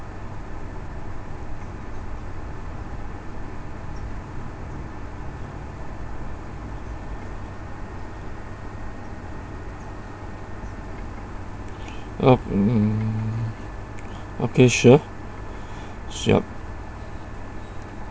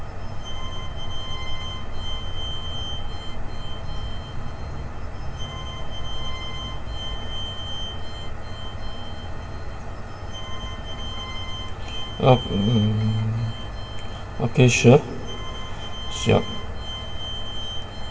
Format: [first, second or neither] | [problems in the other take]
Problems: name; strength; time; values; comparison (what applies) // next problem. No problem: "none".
first | background sound (Bowed string instrument); 14 dB below the speech // room echo; dies away in 1.1 s